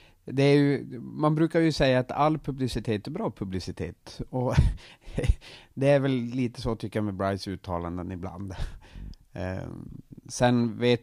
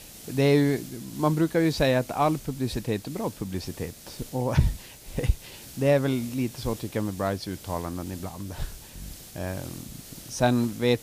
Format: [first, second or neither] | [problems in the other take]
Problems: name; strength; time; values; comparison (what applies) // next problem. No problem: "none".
first | hiss; noticeable; throughout; 15 dB below the speech